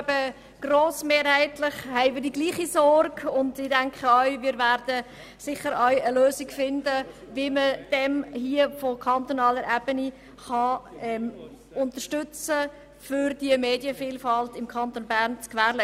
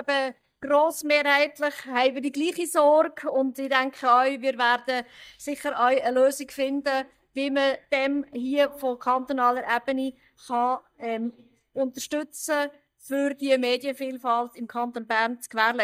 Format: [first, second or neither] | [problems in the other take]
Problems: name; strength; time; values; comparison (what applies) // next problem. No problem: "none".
first | noise reduction (neural mask model DeepFilterNet 3)